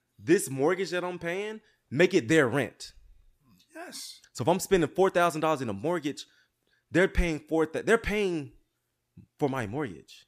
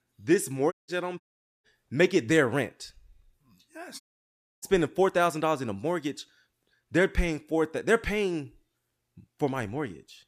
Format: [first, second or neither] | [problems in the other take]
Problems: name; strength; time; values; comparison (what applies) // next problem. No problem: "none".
first | audio cutting out; at 0.5 s, at 1 s and at 4 s for 0.5 s